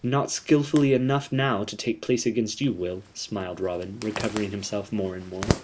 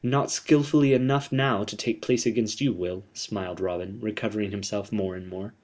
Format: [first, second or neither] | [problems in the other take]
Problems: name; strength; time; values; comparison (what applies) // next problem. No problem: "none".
second | background sound (Zipper (clothing)); 11 dB below the speech